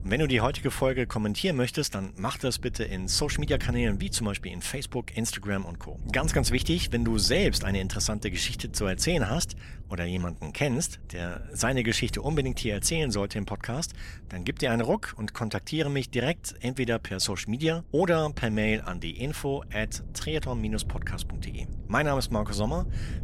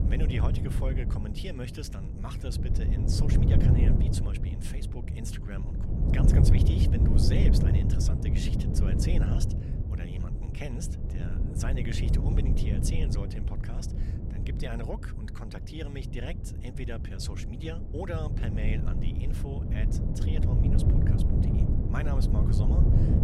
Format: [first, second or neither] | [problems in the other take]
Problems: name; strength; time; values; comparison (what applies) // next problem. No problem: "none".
first | wind noise on the microphone; heavy; 1 dB above the speech; occasional gusts in the first